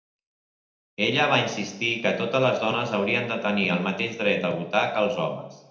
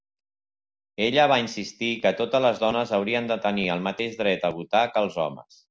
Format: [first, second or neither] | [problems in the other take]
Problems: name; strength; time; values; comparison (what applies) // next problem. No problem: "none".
second | room echo; dies away in 0.7 s